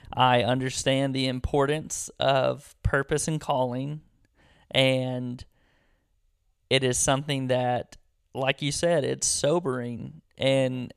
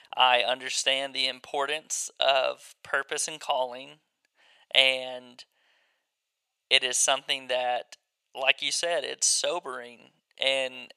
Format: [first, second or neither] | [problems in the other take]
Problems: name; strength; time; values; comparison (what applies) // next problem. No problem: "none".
first | thin; very; fading below 700 Hz